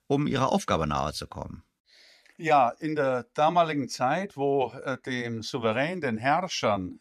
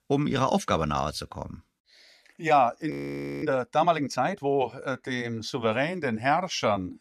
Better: first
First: none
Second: audio freezing; at 3 s for 0.5 s

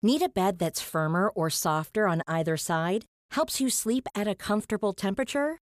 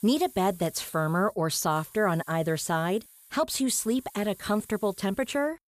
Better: first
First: none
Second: hiss; faint; throughout; 20 dB below the speech

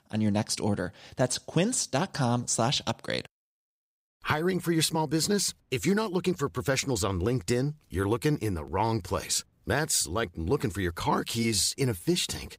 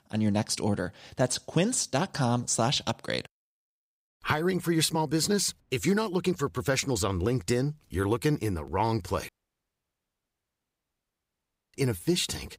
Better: first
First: none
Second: audio cutting out; at 9.5 s for 2.5 s

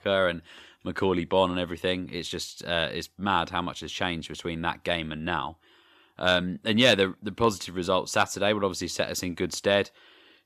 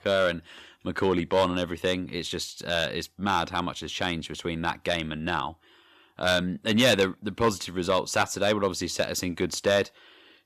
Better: first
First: none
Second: distortion; slight; 1.6% of the sound clipped

